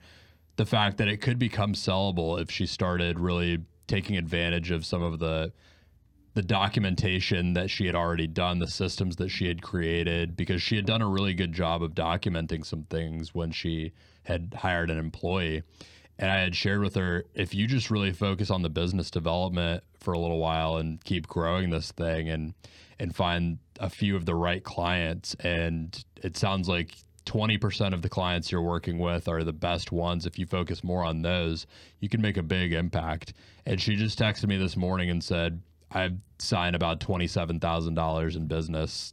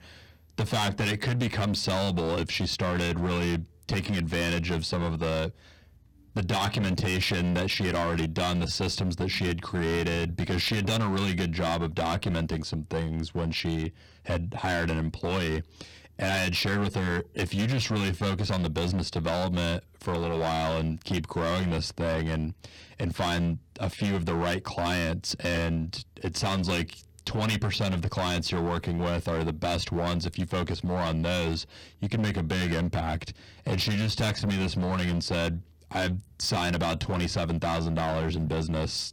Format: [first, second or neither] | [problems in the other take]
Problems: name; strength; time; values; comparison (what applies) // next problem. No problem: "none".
first | distortion; heavy; 17% of the sound clipped